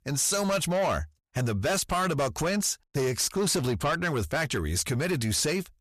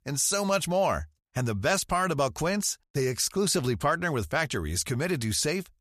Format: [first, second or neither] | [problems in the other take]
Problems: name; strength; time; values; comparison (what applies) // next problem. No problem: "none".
second | distortion; slight; 10 dB below the speech